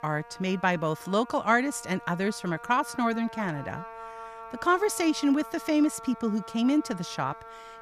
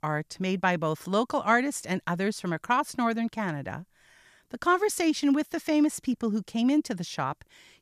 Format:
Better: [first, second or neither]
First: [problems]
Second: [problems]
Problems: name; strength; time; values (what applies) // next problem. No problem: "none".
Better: second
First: background music; noticeable; throughout; 15 dB below the speech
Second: none